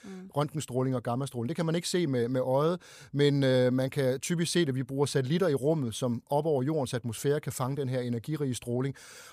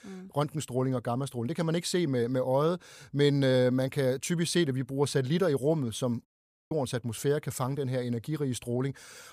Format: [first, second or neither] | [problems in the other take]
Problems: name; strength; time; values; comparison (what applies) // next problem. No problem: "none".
first | audio cutting out; at 6.5 s